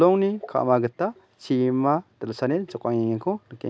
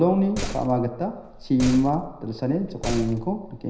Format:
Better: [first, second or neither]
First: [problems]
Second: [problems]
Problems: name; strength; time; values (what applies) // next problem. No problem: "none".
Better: first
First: none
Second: background sound (Slam); 10 dB below the speech // room echo; dies away in 0.9 s